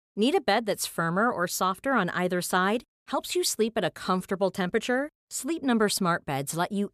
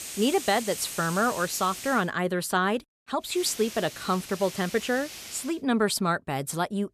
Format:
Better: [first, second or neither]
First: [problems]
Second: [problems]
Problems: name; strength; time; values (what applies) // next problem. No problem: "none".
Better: first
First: none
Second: hiss; noticeable; until 2 s and from 3.5 to 5.5 s; 10 dB below the speech